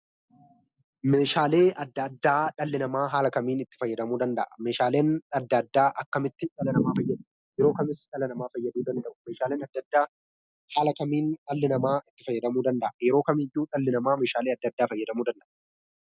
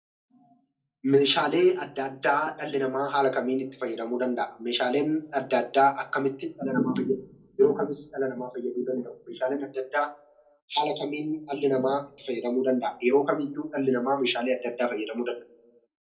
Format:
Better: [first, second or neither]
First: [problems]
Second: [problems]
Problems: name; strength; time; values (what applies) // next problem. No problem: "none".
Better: first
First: none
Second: room echo; dies away in 0.2 s